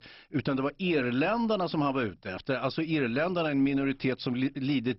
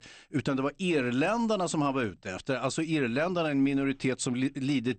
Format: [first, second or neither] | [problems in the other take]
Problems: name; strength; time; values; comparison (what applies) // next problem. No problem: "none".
second | garbled, watery; badly; nothing above 5.5 kHz; slightly in the second